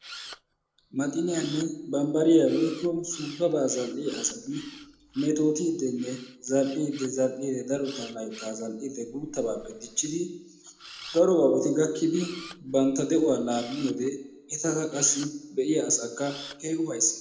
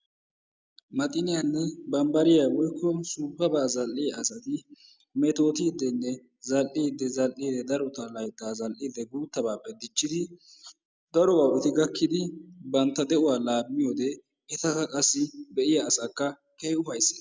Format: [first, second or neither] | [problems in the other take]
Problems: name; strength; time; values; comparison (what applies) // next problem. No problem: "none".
second | background sound (Camera); 20 dB below the speech // room echo; dies away in 0.7 s